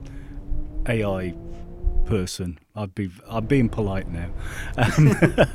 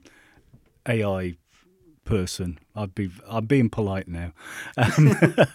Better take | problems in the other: second | low rumble; noticeable; until 2 s and from 3.5 s on; 20 dB below the speech

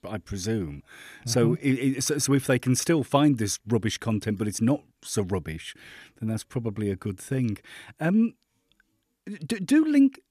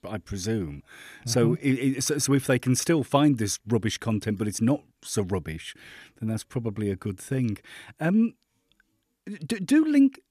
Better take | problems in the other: neither | none

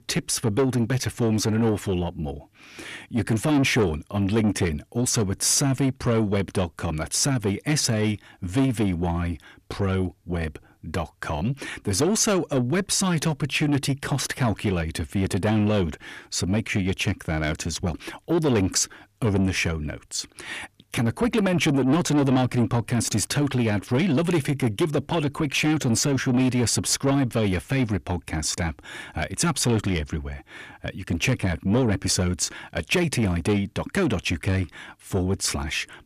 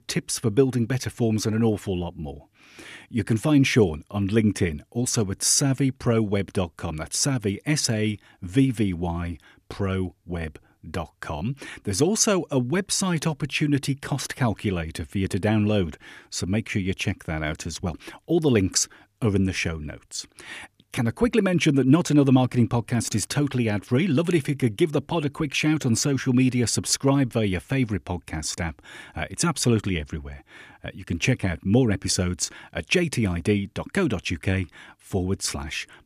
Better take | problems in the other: second | distortion; slight; 10 dB below the speech

